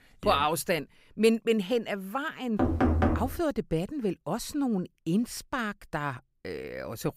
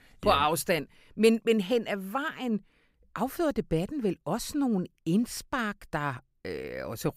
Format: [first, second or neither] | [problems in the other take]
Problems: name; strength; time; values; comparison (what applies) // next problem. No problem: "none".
second | door banging; loud; at 2.5 s; peak 5 dB above the speech